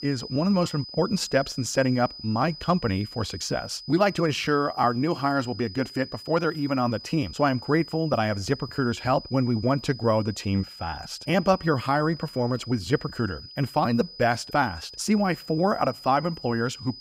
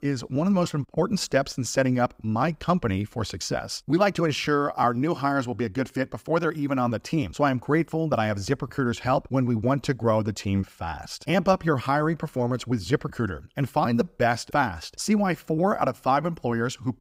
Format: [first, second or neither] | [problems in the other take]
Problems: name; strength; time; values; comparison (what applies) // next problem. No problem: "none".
second | high-pitched whine; noticeable; throughout; 5 kHz, 15 dB below the speech